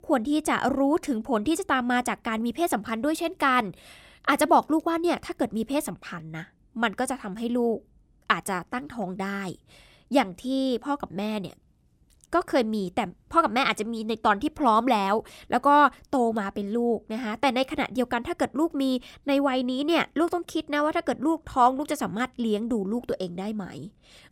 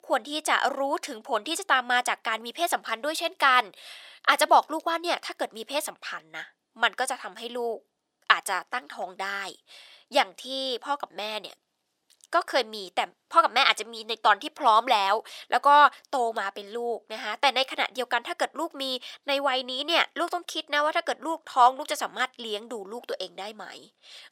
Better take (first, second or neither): first